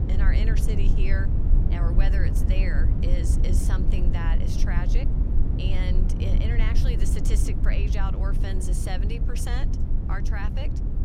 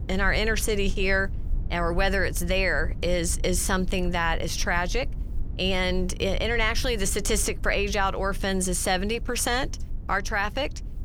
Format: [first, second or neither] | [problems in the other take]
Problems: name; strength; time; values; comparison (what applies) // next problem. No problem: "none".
second | low rumble; loud; throughout; 3 dB below the speech; faint in the second